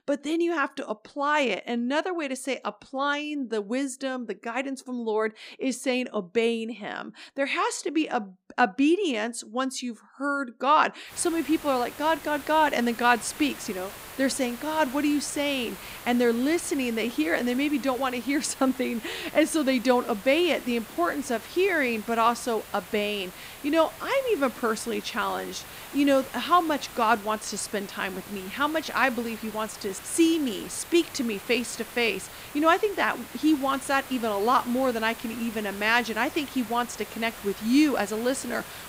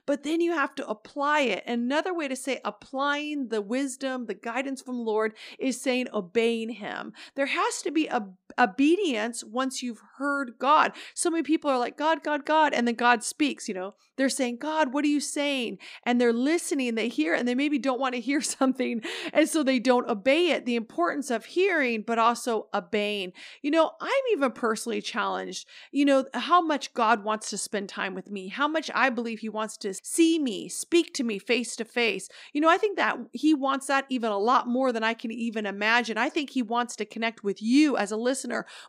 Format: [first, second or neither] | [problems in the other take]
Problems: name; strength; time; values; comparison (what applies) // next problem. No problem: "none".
second | hiss; noticeable; from 11 s on; 15 dB below the speech